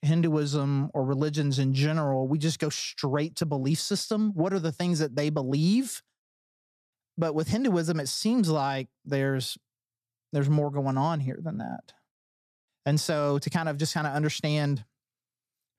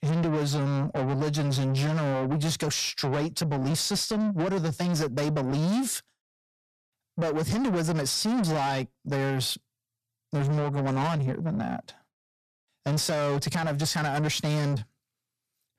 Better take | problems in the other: first | distortion; heavy; 7 dB below the speech

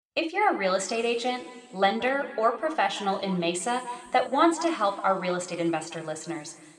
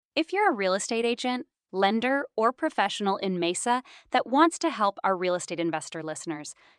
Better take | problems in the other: second | room echo; slight; dies away in 2.8 s

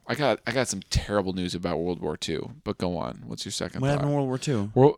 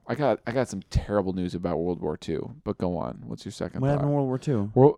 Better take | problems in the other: first | muffled; slightly; fading above 1.5 kHz

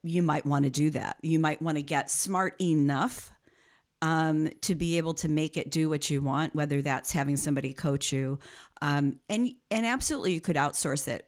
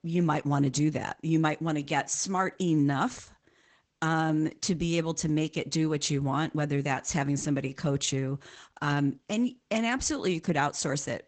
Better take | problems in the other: first | garbled, watery; badly; nothing above 8 kHz; slightly in the first

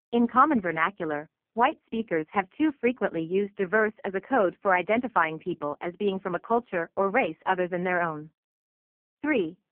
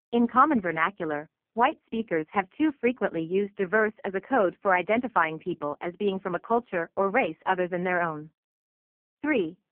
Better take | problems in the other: neither | phone-call audio; poor line; the same in both

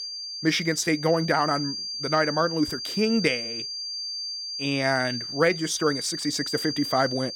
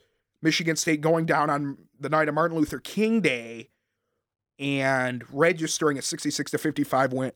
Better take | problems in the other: second | high-pitched whine; loud; throughout; 4.5 kHz, 6 dB below the speech

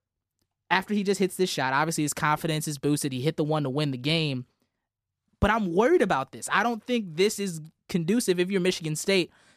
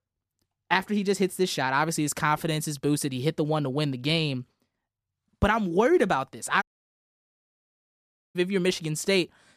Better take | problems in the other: first | audio cutting out; at 6.5 s for 1.5 s

